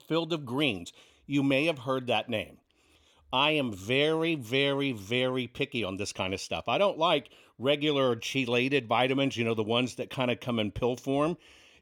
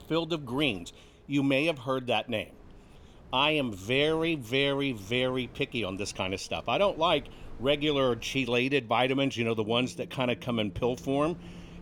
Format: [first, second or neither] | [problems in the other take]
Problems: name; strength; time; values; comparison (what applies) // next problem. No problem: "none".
first | wind in the background; faint; throughout; 25 dB below the speech